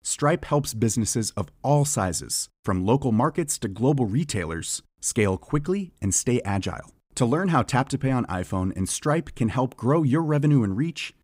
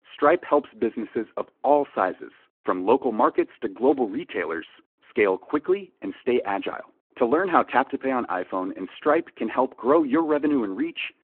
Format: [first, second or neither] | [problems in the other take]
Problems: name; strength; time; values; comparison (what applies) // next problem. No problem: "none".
first | phone-call audio